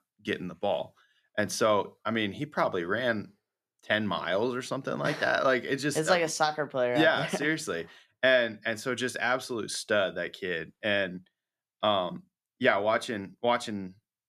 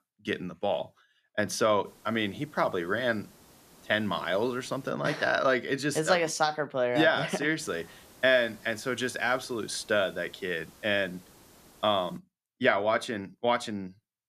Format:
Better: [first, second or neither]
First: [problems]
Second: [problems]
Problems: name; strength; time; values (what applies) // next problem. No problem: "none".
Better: first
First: none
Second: hiss; faint; from 2 to 5 s and from 7.5 to 12 s; 25 dB below the speech